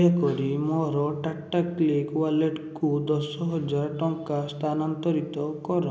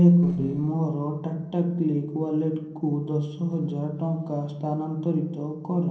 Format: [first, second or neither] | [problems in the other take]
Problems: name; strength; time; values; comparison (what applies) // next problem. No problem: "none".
first | noise reduction (neural separator model SepFormer DNS4)